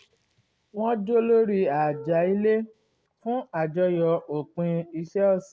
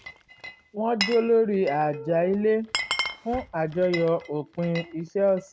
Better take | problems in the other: first | background sound (Glass); 11 dB below the speech

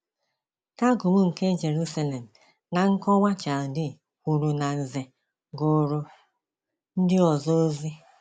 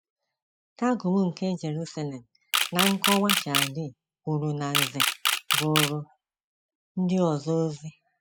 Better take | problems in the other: first | noise reduction (classical method spectral subtraction)

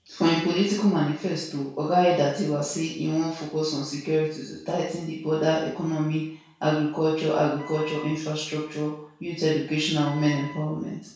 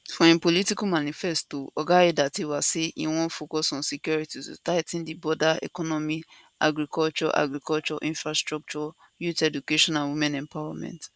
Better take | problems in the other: second | background sound (Wind instrument, woodwind instrument); 19 dB below the speech // room echo; dies away in 0.6 s

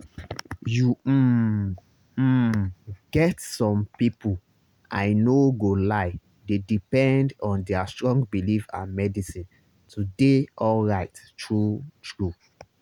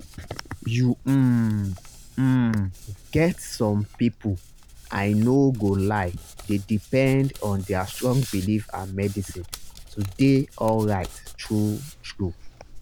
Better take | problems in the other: first | background sound (Hands); 18 dB below the speech

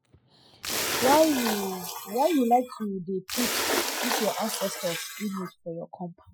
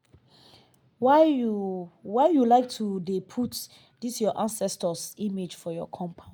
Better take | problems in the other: second | noise reduction (classical method Wiener filter)

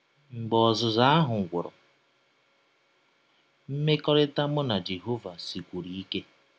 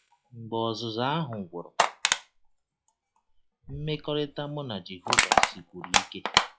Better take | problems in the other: first | noise reduction (classical method log-MMSE)

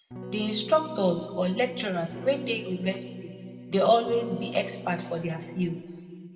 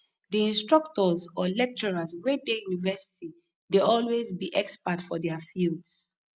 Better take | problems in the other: second | background sound (Electric guitar / Strum); 12 dB below the speech // room echo; dies away in 1.7 s

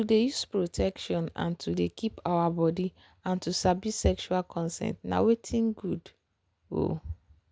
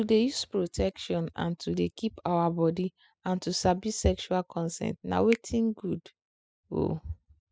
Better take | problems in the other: first | noise reduction (classical method spectral subtraction)

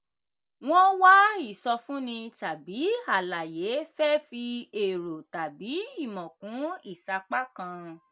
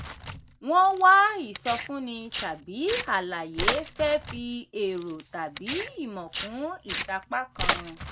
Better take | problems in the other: first | background sound (Tearing); 8 dB below the speech

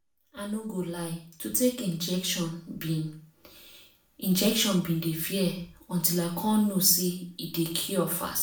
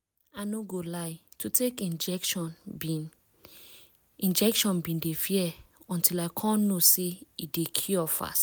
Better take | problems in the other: second | room echo; dies away in 0.4 s

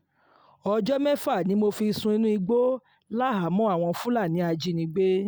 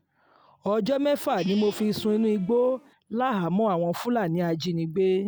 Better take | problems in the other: first | background sound (Livestock, farm animals, working animals); 19 dB below the speech

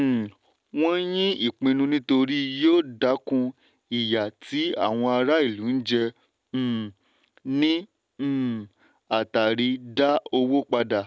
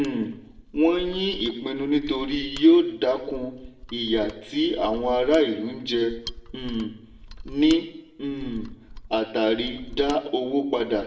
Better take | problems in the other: first | background sound (Mechanisms); 16 dB below the speech // room echo; dies away in 0.7 s

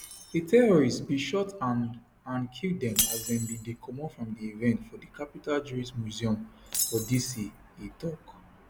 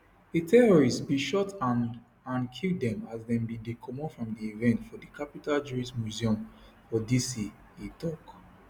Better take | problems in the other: second | background sound (Shatter); 9 dB below the speech

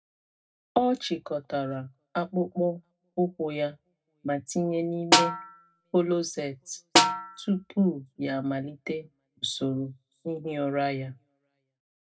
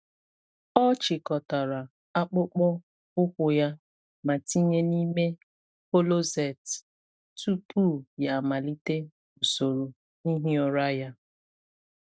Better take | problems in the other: second | background sound (Snare drum); 5 dB above the speech // room echo; dies away in 0.2 s

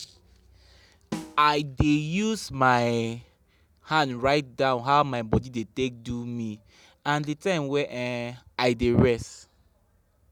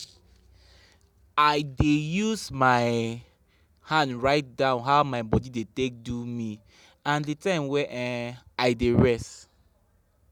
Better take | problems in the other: second | background sound (Snare drum); 13 dB below the speech

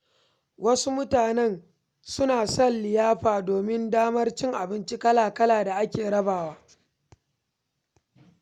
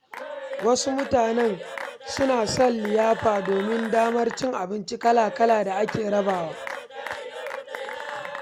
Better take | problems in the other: first | background sound (Applause / Cheering / Clapping); 10 dB below the speech

